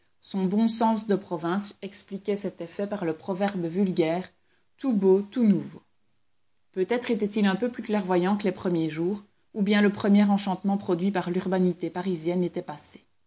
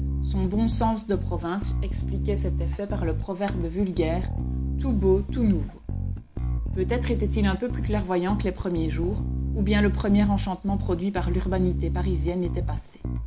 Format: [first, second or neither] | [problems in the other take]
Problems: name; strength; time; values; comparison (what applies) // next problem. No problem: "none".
first | background sound (Bass guitar); as loud as the speech